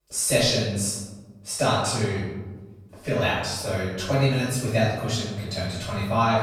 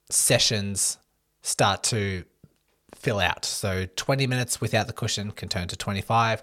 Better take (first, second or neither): second